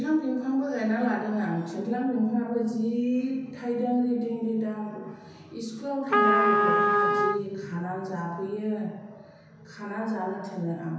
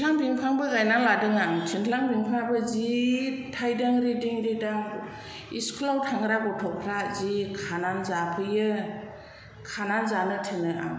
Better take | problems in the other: second | background sound (Trumpet); 5 dB above the speech // room echo; dies away in 0.6 s

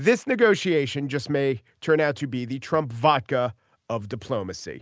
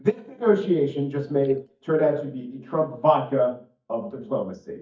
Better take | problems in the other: first | noise reduction (neural mask model DeepFilterNet 3)

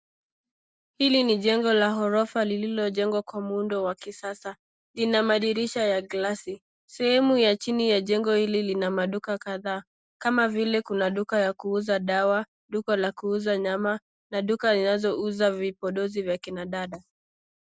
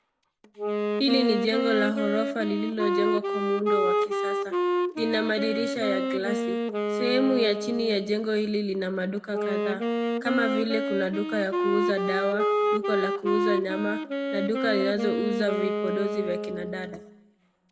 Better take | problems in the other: first | background sound (Wind instrument, woodwind instrument); as loud as the speech // room echo; dies away in 0.8 s

